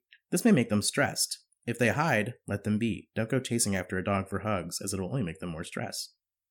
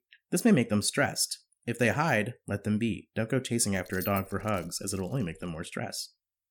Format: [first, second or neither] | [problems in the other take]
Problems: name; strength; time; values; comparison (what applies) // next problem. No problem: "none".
first | jangling keys; noticeable; from 4 to 5.5 s; peak 9 dB below the speech